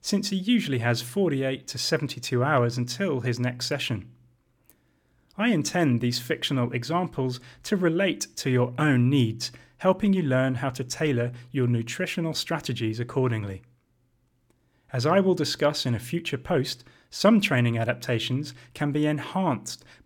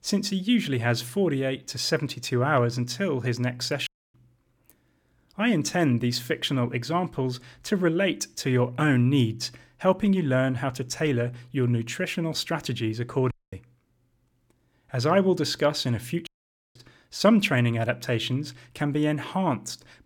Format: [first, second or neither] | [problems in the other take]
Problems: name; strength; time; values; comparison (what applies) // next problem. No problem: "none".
first | audio cutting out; at 4 s, at 13 s and at 16 s